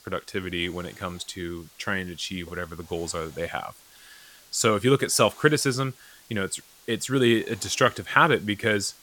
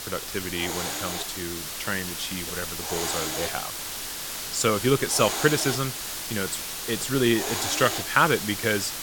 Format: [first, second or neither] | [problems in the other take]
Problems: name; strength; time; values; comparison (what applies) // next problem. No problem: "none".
first | hiss; loud; throughout; 3 dB below the speech; faint in the first